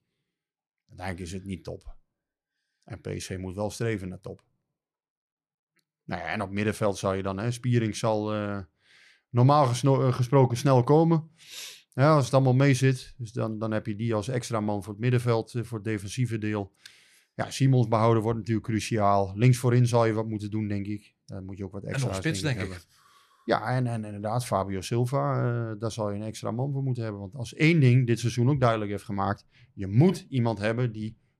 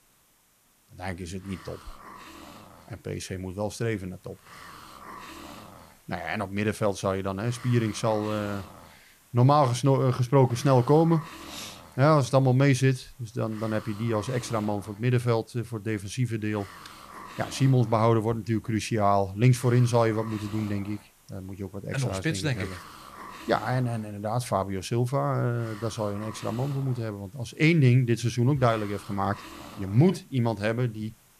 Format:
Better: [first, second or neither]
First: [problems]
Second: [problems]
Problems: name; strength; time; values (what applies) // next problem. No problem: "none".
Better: first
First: none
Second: hiss; noticeable; throughout; 20 dB below the speech